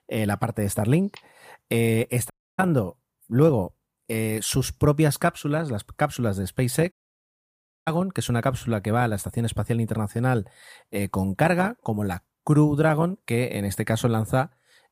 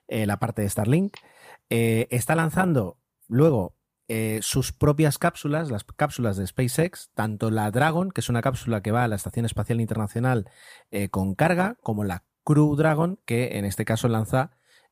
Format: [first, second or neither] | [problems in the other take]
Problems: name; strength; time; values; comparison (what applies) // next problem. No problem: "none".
second | audio cutting out; at 2.5 s and at 7 s for 1 s